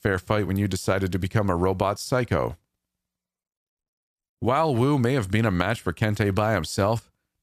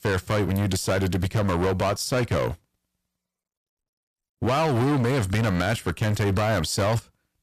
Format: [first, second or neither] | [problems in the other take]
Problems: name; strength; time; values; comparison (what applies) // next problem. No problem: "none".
first | distortion; heavy; 19% of the sound clipped